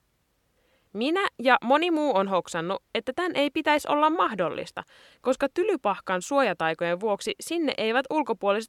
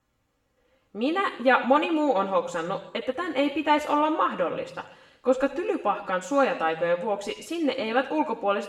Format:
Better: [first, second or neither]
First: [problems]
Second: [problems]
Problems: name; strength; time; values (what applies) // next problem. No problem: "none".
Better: first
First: none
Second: room echo; slight; dies away in 0.7 s // off-mic speech; far